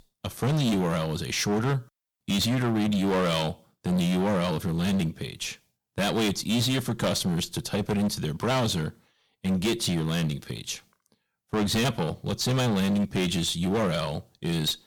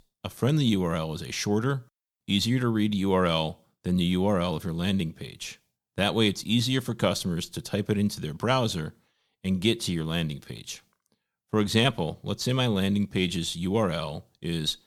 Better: second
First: distortion; heavy; 17% of the sound clipped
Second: none

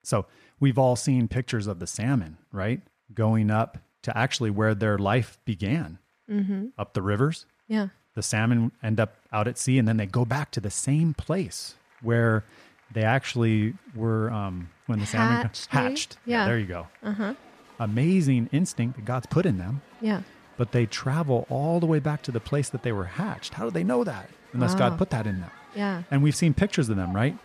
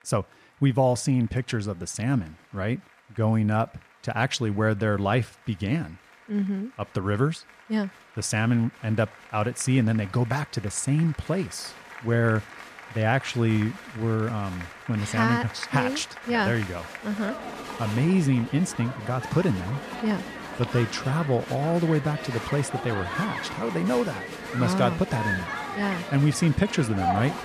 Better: first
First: crowd noise; faint; throughout; 25 dB below the speech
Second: crowd noise; loud; throughout; 10 dB below the speech

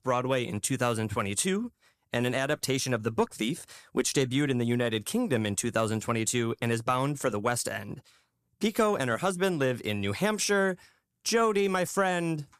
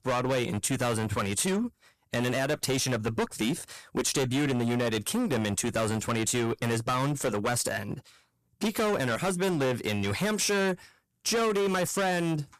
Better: first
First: none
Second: distortion; heavy; 19% of the sound clipped

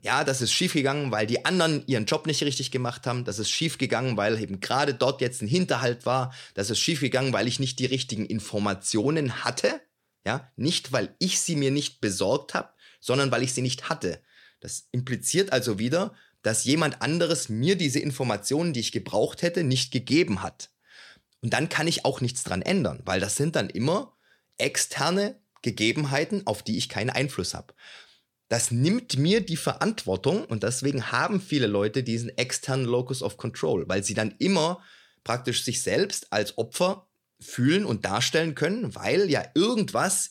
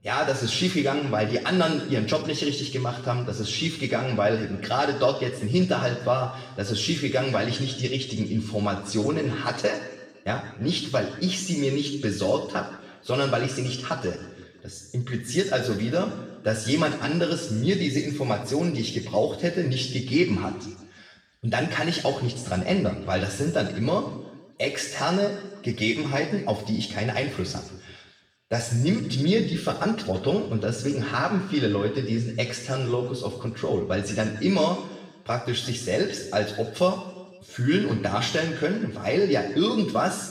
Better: first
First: none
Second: room echo; noticeable; dies away in 1.2 s // off-mic speech; far

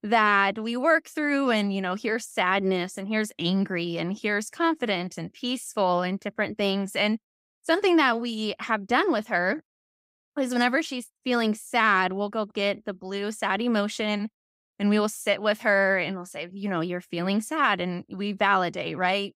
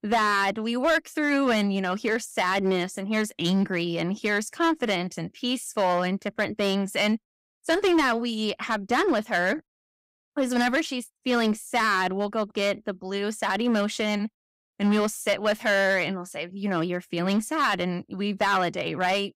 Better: first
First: none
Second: distortion; slight; 5% of the sound clipped

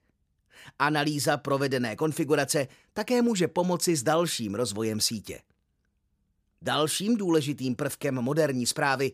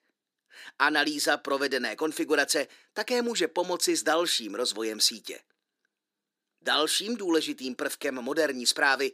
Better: first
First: none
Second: thin; somewhat; fading below 300 Hz

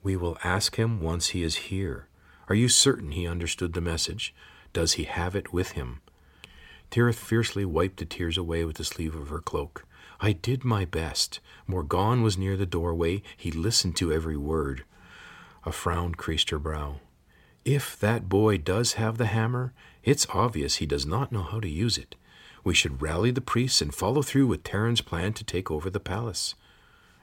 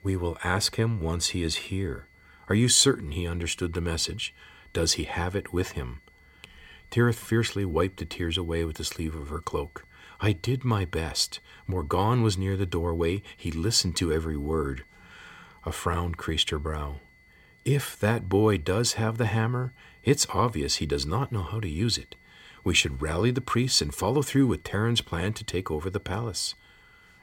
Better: first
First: none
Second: high-pitched whine; faint; throughout; 2 kHz, 30 dB below the speech

